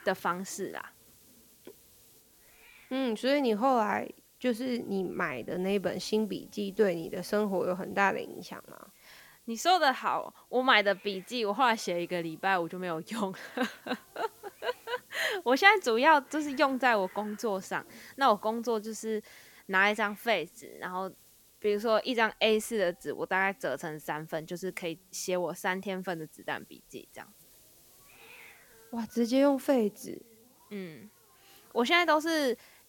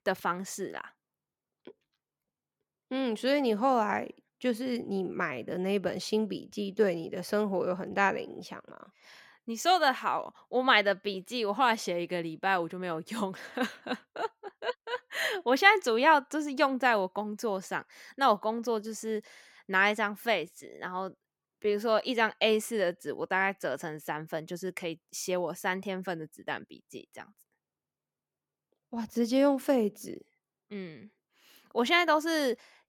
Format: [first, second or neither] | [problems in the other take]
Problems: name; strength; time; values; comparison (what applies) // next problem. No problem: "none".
second | hiss; faint; throughout; 25 dB below the speech